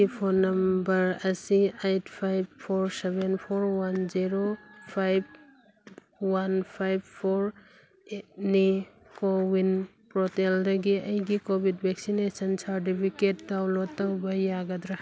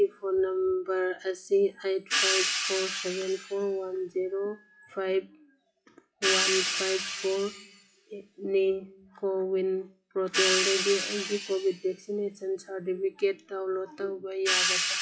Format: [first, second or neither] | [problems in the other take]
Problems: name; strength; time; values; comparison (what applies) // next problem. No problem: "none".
first | noise reduction (classical method WPE with log-MMSE)